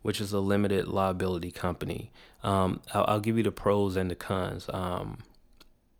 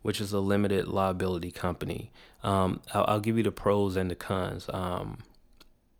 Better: neither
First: none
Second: none

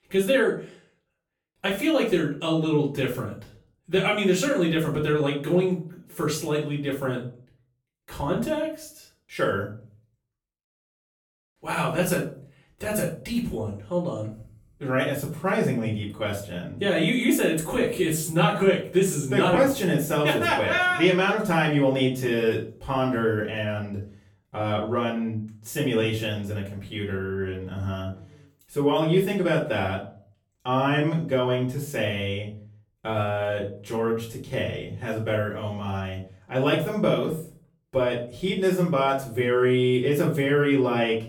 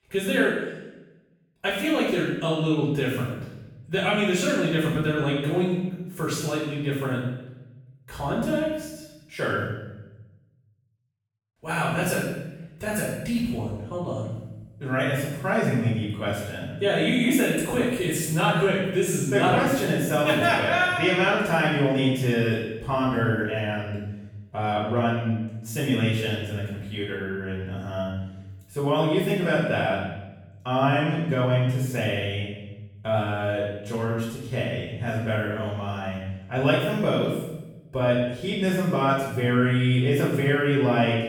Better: first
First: room echo; slight; dies away in 0.4 s // off-mic speech; far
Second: room echo; strong; dies away in 0.9 s // off-mic speech; far

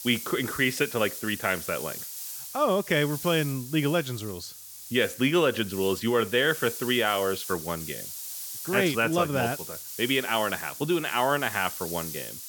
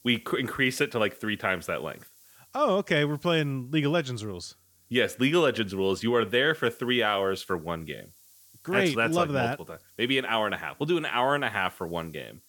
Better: second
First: hiss; loud; throughout; 10 dB below the speech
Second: hiss; faint; throughout; 30 dB below the speech

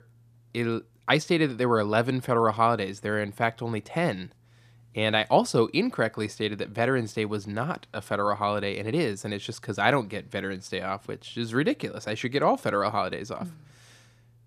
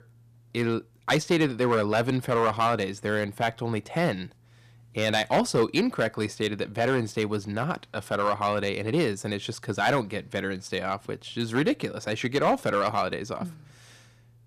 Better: first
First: none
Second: distortion; slight; 3% of the sound clipped

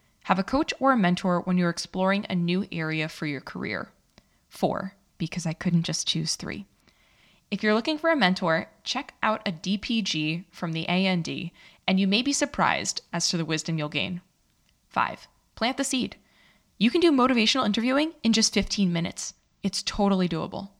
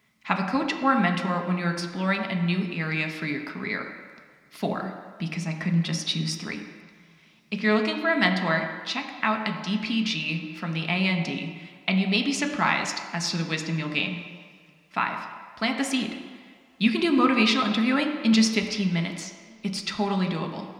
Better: first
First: none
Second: room echo; slight; dies away in 1.5 s

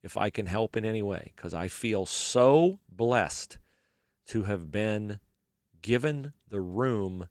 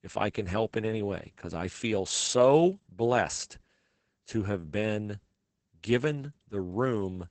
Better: first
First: garbled, watery; slightly; nothing above 18.5 kHz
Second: garbled, watery; badly; nothing above 8 kHz

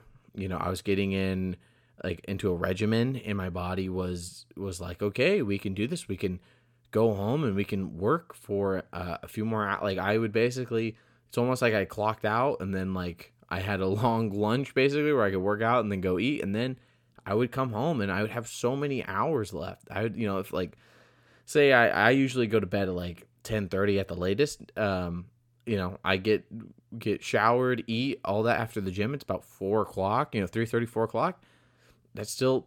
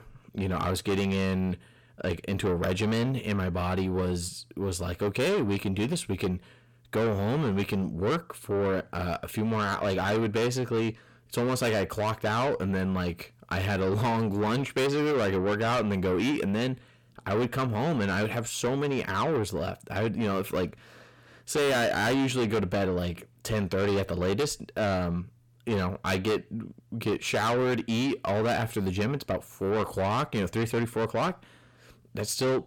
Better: first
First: none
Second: distortion; heavy; 7 dB below the speech

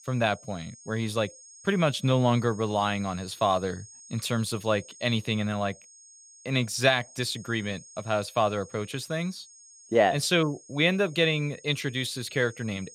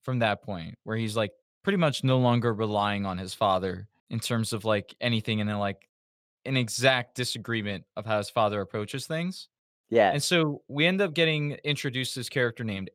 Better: second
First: high-pitched whine; faint; throughout; 6.5 kHz, 20 dB below the speech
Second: none

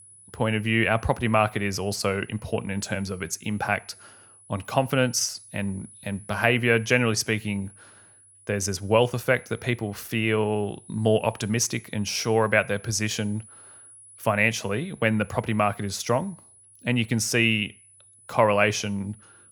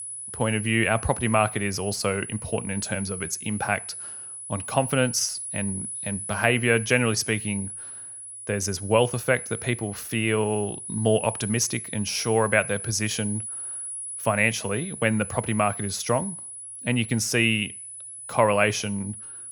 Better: first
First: high-pitched whine; faint; throughout; 10 kHz, 25 dB below the speech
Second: high-pitched whine; loud; throughout; 10 kHz, 8 dB below the speech

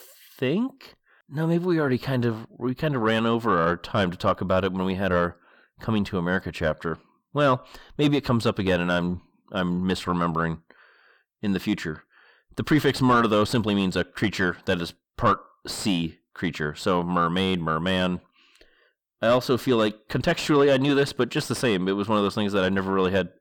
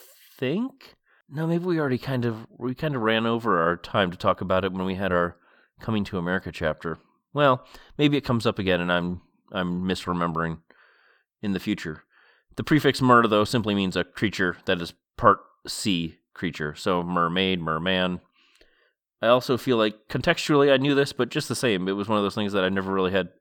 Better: second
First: distortion; slight; 10 dB below the speech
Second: none

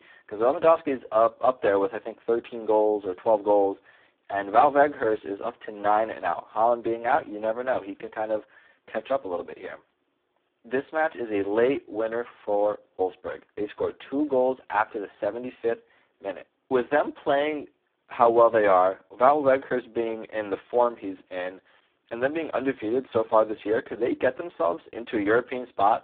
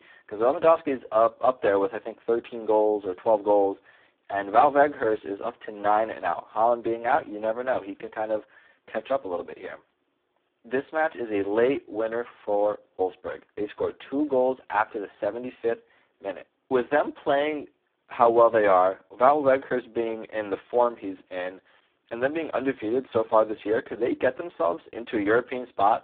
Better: neither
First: phone-call audio; poor line; nothing above 3.5 kHz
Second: phone-call audio; poor line; nothing above 3.5 kHz

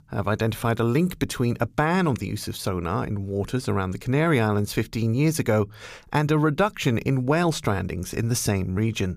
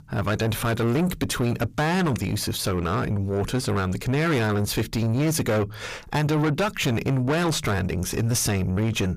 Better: first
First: none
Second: distortion; heavy; 6 dB below the speech

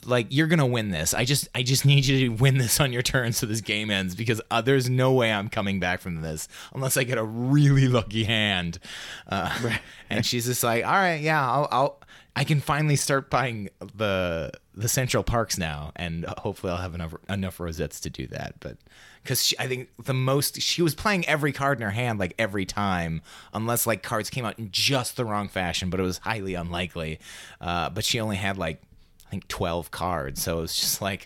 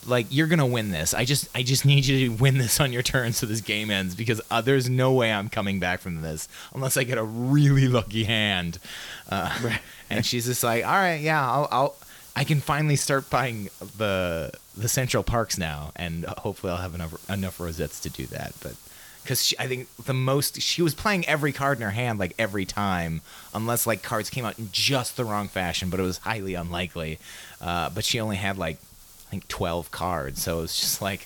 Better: first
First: none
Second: hiss; faint; throughout; 20 dB below the speech

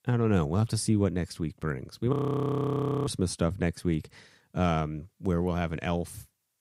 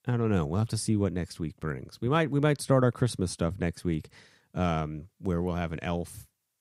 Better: second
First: audio freezing; at 2 s for 1 s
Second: none

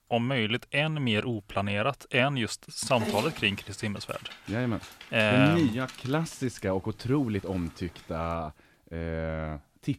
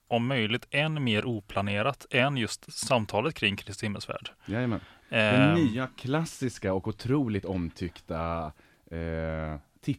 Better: second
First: dog barking; noticeable; from 3 to 8 s; peak 4 dB below the speech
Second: none

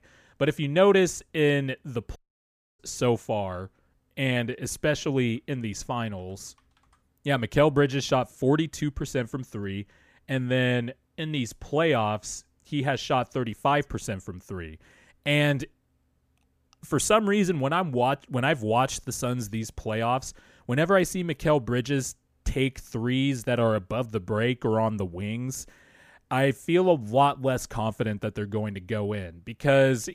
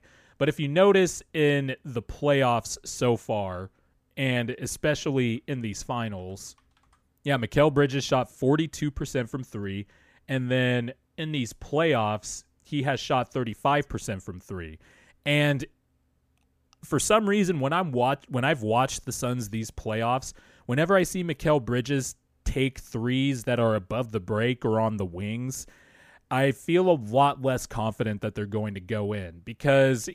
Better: second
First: audio cutting out; at 2 s for 0.5 s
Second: none

